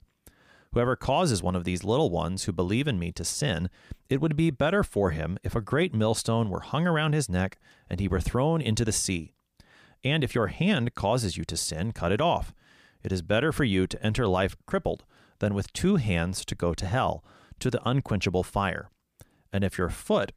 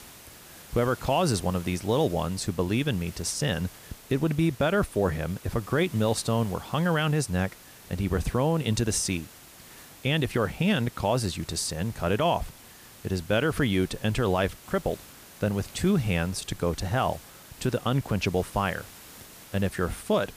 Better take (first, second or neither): first